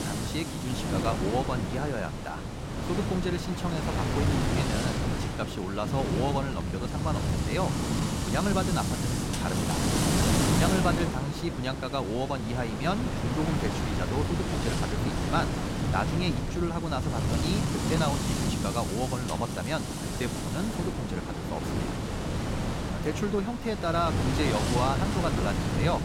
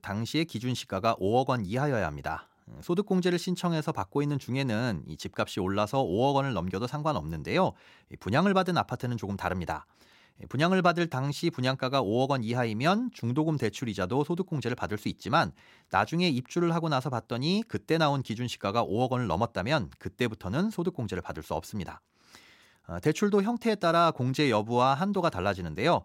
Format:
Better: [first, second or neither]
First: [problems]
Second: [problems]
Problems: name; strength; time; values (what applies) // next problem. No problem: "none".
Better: second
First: wind noise on the microphone; heavy; 1 dB below the speech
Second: none